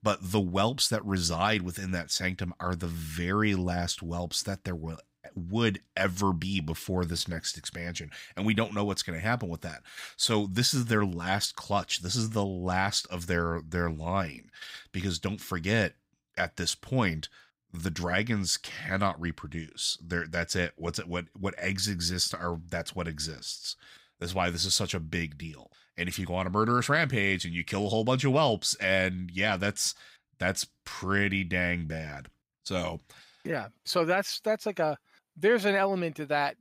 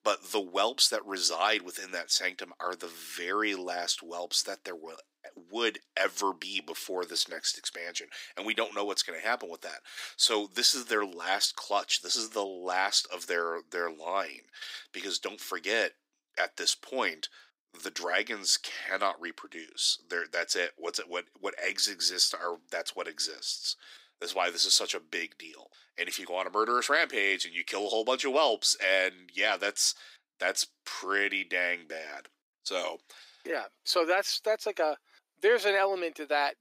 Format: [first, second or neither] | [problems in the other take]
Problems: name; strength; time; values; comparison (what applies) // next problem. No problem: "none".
first | thin; very; fading below 300 Hz